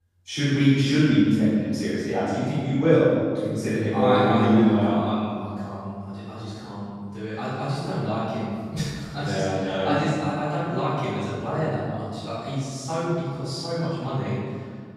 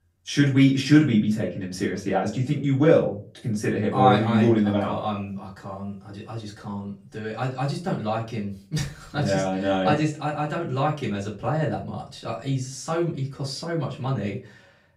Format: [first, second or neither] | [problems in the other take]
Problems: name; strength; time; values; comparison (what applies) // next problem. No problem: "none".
second | room echo; strong; dies away in 1.8 s; slight in the second // off-mic speech; far; far in the second